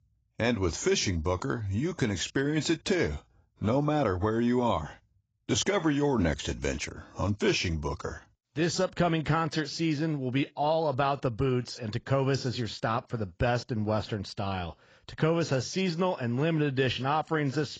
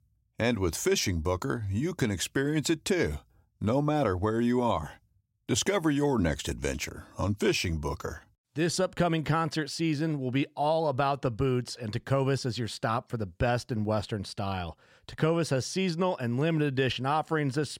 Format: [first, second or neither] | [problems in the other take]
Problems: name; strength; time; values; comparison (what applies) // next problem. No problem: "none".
second | garbled, watery; badly; nothing above 7.5 kHz